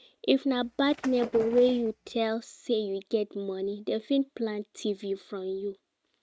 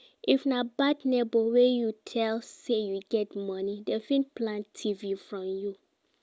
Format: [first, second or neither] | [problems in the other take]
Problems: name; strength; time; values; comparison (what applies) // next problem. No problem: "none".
second | noise reduction (neural mask model RNNoise)